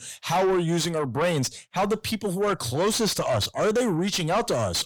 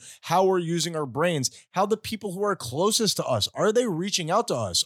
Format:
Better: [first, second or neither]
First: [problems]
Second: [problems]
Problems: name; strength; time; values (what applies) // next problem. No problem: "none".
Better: second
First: distortion; heavy; 7 dB below the speech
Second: none